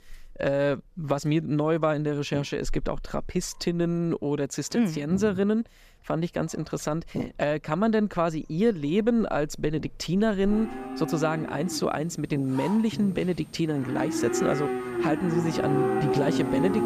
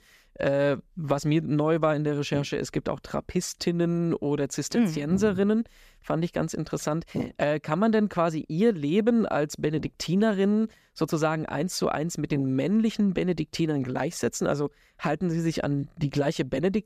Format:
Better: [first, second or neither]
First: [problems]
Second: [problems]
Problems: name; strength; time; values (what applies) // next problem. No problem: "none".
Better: second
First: animal sounds; loud; throughout; 3 dB below the speech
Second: none